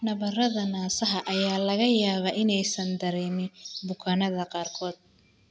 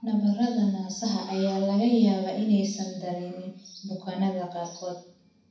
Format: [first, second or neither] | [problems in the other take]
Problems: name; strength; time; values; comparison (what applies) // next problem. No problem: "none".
first | room echo; dies away in 0.6 s